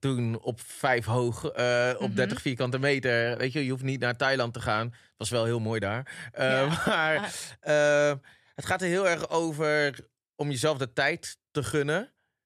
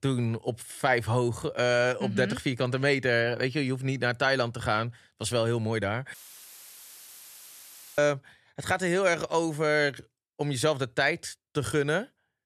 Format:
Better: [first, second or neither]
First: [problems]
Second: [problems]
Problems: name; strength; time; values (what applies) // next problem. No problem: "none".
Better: first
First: none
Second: audio cutting out; filled with static; at 6 s for 2 s